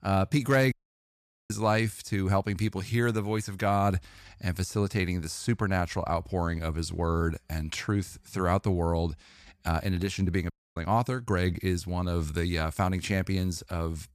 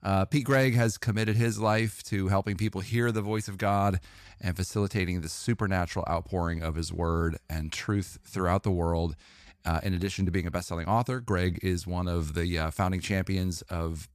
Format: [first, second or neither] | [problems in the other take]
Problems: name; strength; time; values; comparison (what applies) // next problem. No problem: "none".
second | audio cutting out; at 0.5 s for 1 s and at 11 s